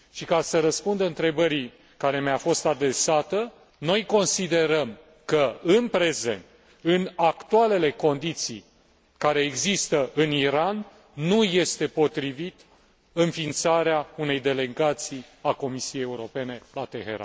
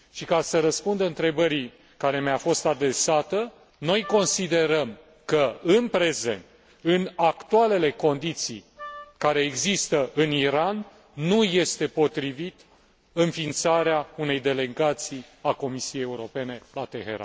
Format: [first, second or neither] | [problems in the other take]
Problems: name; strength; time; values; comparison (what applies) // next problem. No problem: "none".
first | background sound (Wind instrument, woodwind instrument); 17 dB below the speech